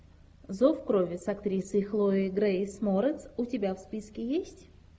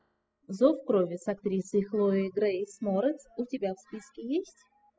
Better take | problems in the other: first | noise reduction (classical method spectral subtraction)

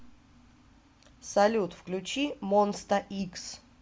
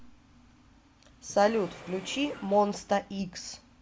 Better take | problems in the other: first | background sound (Engine / Mechanisms); 19 dB below the speech

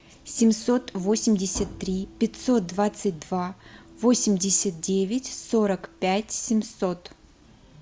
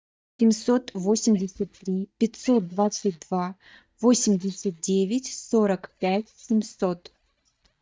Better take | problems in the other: first | noise reduction (neural mask model DeepFilterNet 3)

